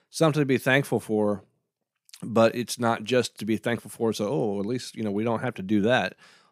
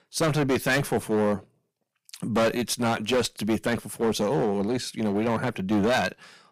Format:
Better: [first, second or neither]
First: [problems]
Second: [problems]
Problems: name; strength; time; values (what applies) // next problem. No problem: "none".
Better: first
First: none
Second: distortion; heavy; 12% of the sound clipped